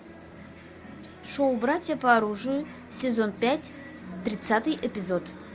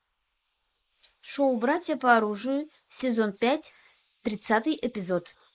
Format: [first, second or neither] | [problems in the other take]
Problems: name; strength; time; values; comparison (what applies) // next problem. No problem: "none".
first | noise reduction (neural mask model Resemble Enhance denoiser)